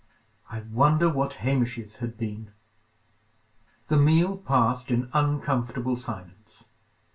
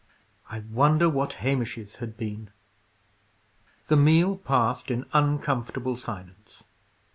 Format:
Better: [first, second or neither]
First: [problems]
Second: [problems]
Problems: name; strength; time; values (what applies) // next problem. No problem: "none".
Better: second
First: room echo; dies away in 0.2 s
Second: none